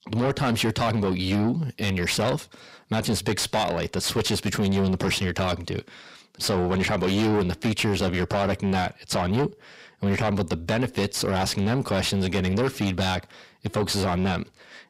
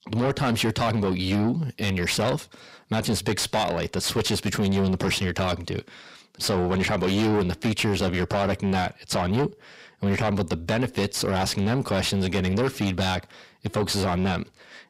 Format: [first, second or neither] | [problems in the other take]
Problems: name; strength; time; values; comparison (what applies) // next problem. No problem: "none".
neither | distortion; heavy; 6 dB below the speech; the same in both